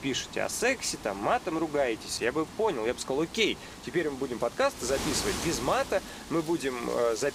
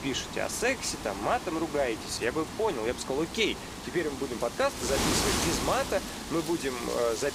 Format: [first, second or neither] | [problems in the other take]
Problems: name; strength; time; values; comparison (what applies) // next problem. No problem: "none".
first | wind noise on the microphone; heavy; 5 dB below the speech; occasional gusts in the first